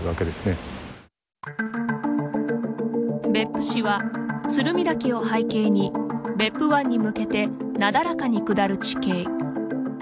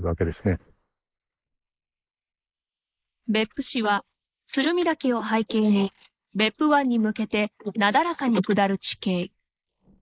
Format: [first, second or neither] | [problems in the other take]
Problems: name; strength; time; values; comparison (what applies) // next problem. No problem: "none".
first | noise reduction (neural mask model Resemble Enhance denoiser)